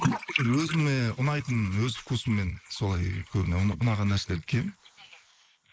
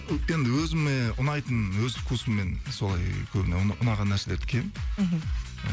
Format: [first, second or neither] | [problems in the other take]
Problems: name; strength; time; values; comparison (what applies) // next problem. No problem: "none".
second | noise reduction (neural mask model Resemble Enhance denoiser)